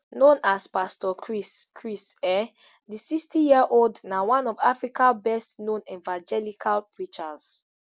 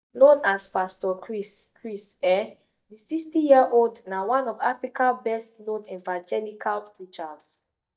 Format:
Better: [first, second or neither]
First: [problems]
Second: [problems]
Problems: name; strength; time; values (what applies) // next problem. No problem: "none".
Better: first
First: none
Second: noise reduction (neural mask model DeepFilterNet 3)